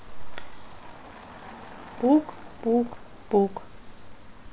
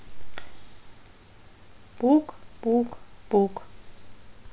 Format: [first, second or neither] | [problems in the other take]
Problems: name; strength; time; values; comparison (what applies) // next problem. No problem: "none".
second | background sound (Motor vehicle (road)); 19 dB below the speech